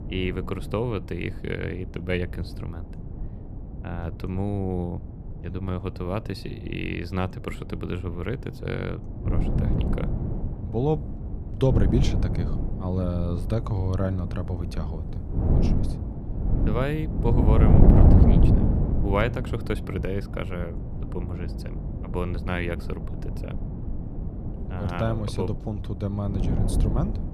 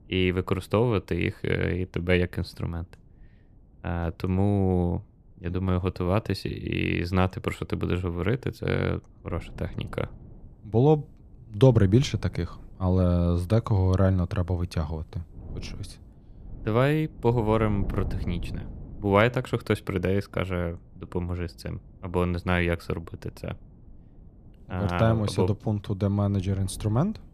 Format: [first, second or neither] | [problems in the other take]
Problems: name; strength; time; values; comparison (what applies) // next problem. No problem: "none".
second | wind noise on the microphone; heavy; 3 dB below the speech; occasional gusts in the second